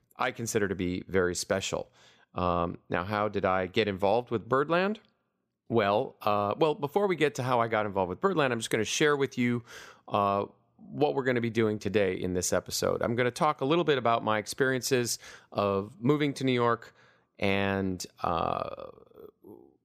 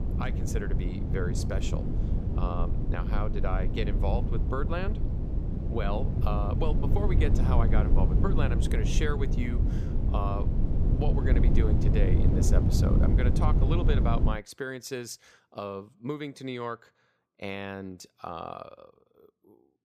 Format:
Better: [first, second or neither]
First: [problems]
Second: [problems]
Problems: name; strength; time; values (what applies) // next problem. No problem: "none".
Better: first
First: none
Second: low rumble; loud; until 14 s; 3 dB below the speech